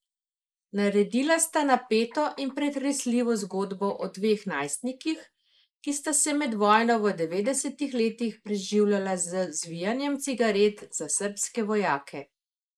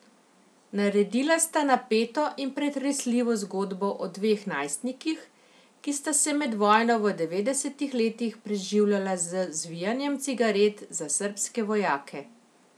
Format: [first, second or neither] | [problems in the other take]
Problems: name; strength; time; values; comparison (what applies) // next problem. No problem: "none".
second | noise reduction (neural mask model Resemble Enhance denoiser)